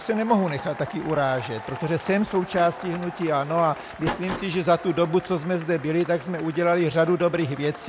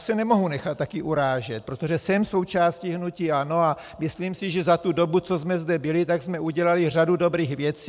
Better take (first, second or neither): second